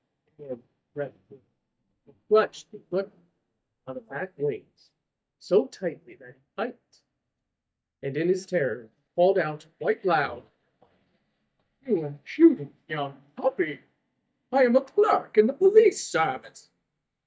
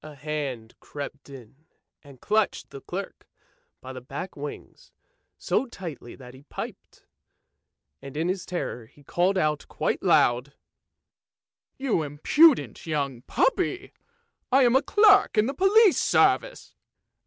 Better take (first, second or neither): second